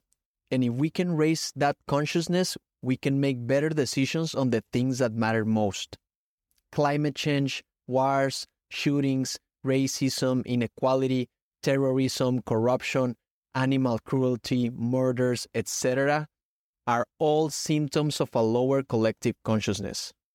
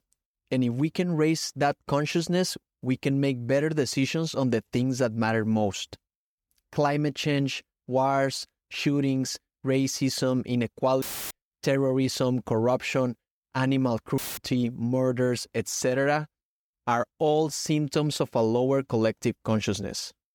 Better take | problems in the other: first | audio cutting out; filled with static; at 11 s and at 14 s

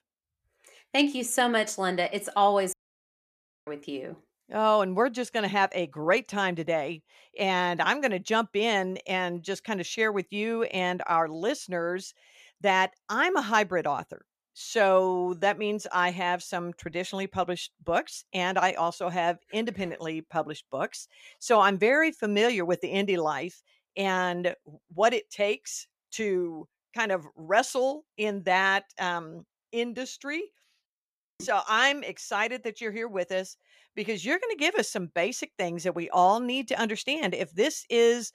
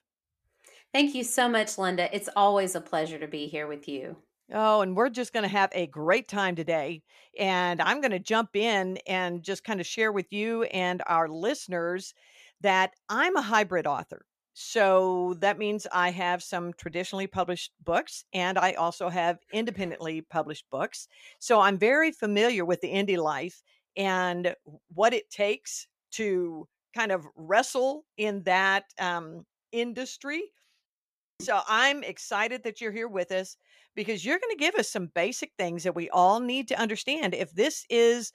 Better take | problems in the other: second | audio cutting out; at 2.5 s for 1 s

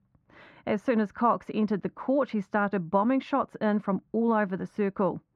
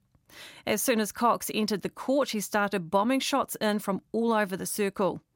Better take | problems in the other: second | muffled; very; fading above 1.5 kHz

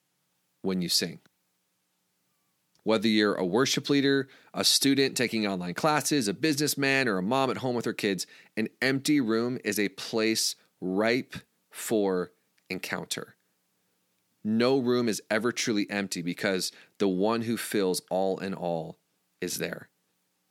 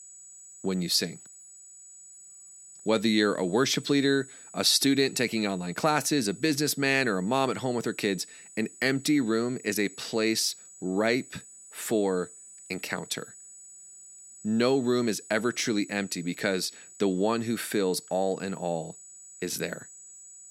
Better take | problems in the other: first | high-pitched whine; noticeable; throughout; 8 kHz, 20 dB below the speech

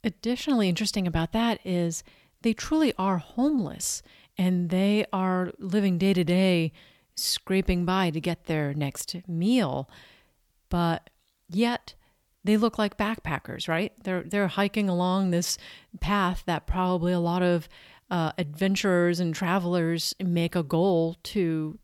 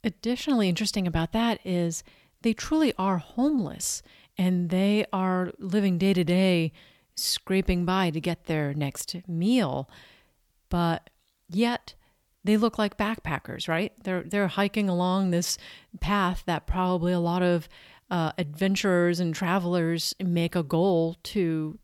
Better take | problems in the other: neither | none

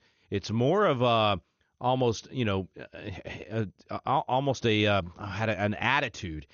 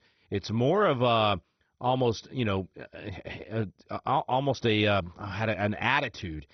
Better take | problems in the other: first | garbled, watery; badly; nothing above 6 kHz; slightly in the first

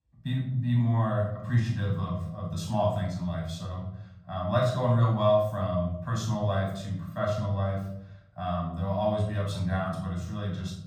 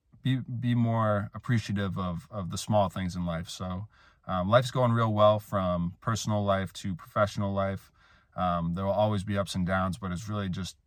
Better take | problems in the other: second | off-mic speech; far // room echo; noticeable; dies away in 0.8 s

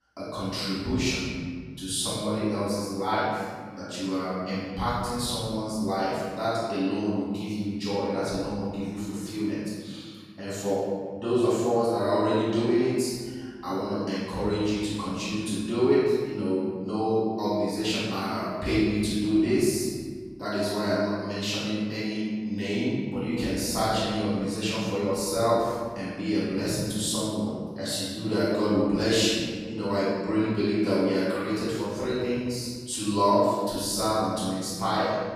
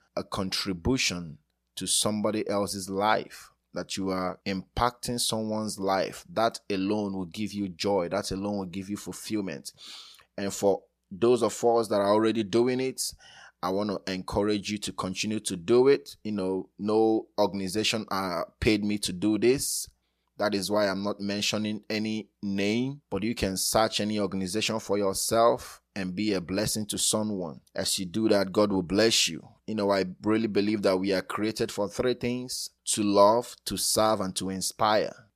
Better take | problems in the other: second | off-mic speech; far // room echo; strong; dies away in 1.9 s

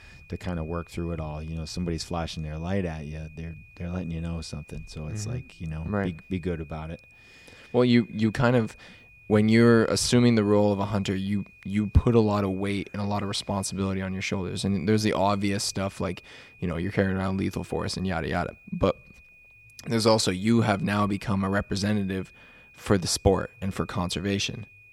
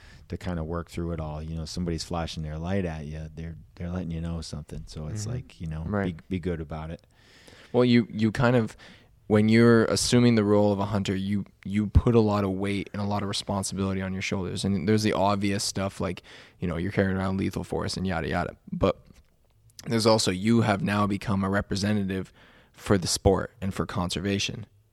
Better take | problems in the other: second | high-pitched whine; faint; throughout; 2.5 kHz, 25 dB below the speech

